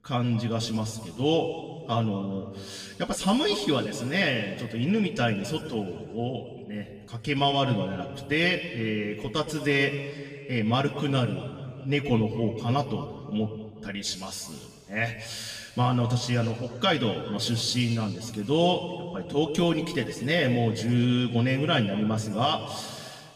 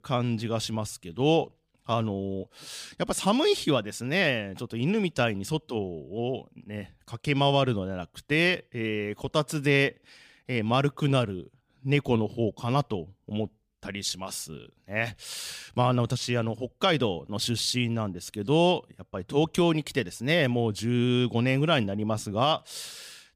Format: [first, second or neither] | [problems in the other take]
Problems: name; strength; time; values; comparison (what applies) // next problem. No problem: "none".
second | room echo; noticeable; dies away in 1.7 s // off-mic speech; somewhat distant